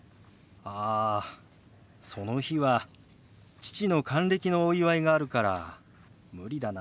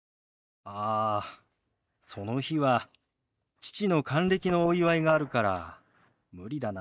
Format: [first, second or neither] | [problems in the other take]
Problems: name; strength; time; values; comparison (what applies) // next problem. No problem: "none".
first | noise reduction (neural mask model DeepFilterNet 3)